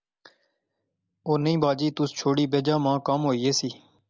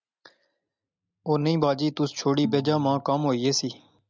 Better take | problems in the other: first | noise reduction (neural mask model RNNoise)

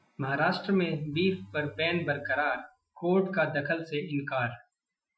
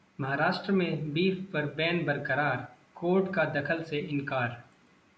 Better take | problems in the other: second | noise reduction (classical method Wiener filter)

